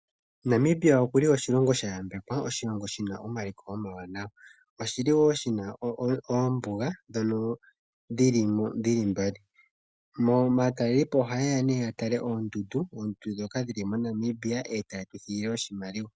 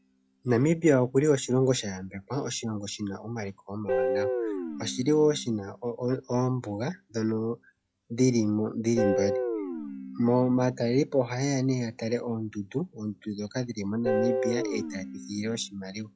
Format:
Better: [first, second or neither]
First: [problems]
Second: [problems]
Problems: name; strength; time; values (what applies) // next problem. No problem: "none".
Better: first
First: none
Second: noise reduction (classical method log-MMSE)